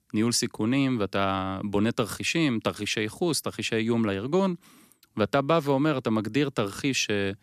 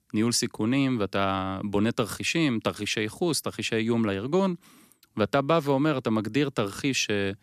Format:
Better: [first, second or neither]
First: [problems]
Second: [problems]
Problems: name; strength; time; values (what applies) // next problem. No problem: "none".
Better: neither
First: none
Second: none